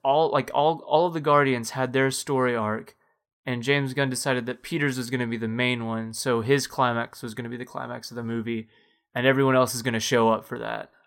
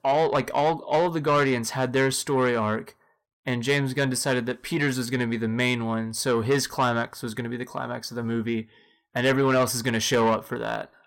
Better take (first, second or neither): first